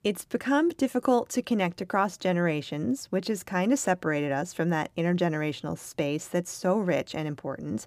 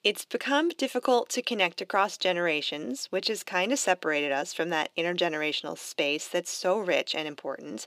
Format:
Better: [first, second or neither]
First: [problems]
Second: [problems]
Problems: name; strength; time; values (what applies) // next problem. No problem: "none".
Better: first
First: none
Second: thin; somewhat; fading below 400 Hz